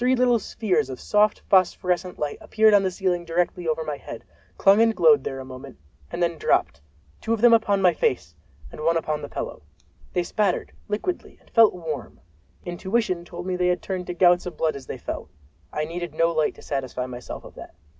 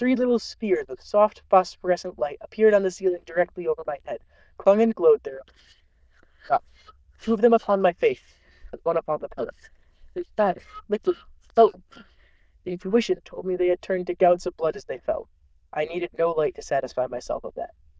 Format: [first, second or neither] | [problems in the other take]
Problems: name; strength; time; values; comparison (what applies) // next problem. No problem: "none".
first | noise reduction (neural diffusion model UNIVERSE++)